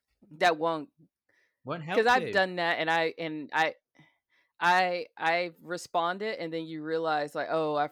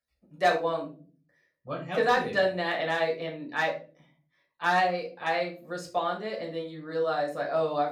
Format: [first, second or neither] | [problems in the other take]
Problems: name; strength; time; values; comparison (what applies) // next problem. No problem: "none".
first | off-mic speech; far // room echo; slight; dies away in 0.4 s